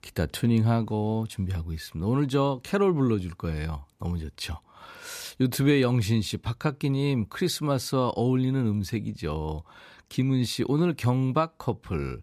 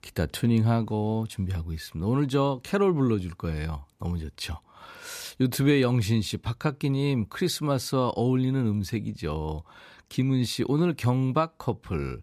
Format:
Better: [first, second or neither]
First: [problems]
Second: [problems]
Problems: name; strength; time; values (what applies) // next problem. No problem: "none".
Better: neither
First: none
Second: none